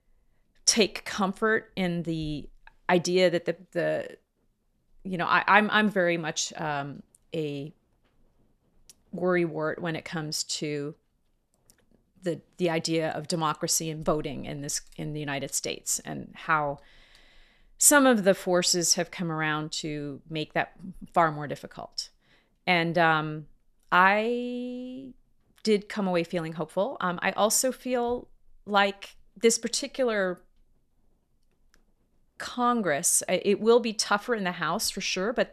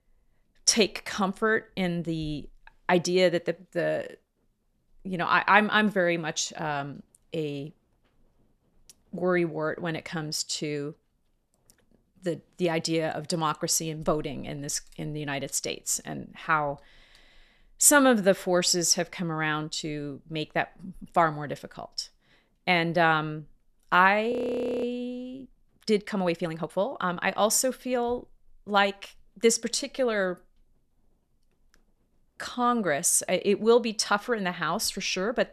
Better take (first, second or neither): first